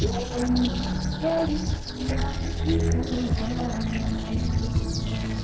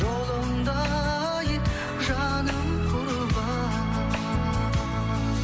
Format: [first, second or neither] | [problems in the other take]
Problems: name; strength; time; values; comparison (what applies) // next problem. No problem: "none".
second | noise reduction (neural separator model SepFormer DNS4)